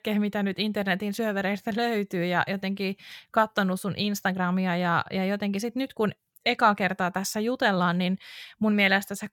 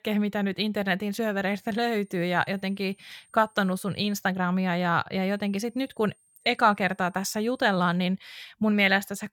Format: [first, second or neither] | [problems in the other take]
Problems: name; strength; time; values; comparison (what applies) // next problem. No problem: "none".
first | high-pitched whine; faint; from 1.5 to 4 s and from 5.5 to 8 s; 8.5 kHz, 35 dB below the speech